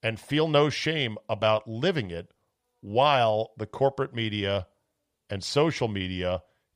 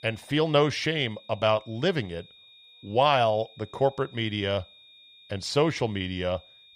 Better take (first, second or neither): first